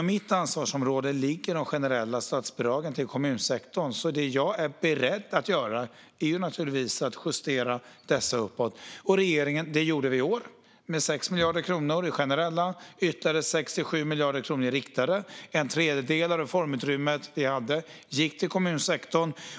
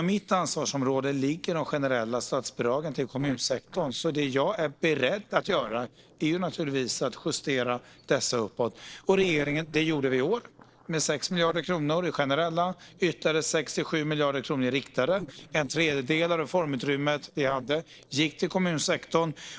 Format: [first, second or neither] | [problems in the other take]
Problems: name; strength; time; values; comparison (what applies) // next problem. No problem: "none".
first | noise reduction (neural separator model SepFormer DNS4)